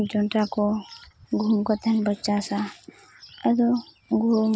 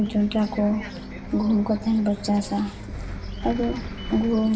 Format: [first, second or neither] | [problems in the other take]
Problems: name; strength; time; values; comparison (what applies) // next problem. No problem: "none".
first | background sound (Bus); 10 dB below the speech // room echo; dies away in 0.7 s